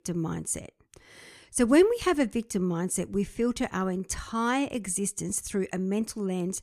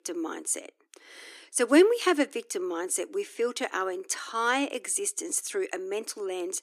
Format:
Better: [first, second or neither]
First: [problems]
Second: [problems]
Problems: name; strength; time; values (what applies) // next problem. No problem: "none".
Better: first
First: none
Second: thin; somewhat; fading below 300 Hz